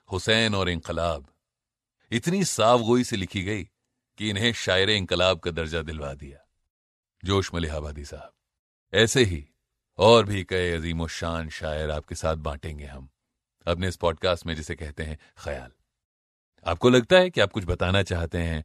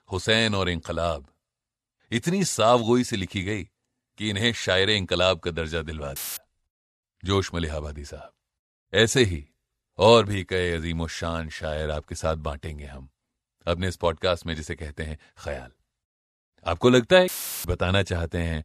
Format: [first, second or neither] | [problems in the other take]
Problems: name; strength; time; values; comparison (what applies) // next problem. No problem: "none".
first | audio cutting out; filled with static; at 6 s and at 17 s